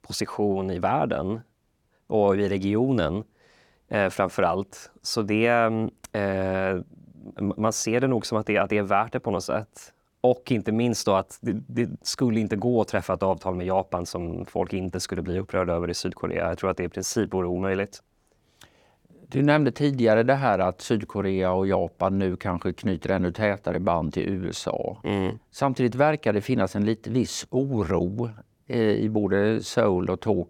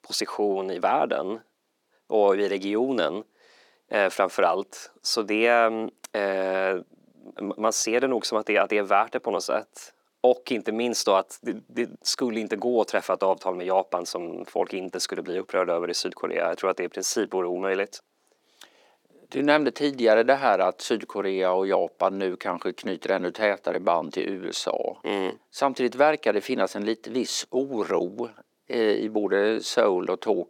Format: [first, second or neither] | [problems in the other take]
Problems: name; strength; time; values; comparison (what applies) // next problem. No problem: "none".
first | thin; somewhat; fading below 300 Hz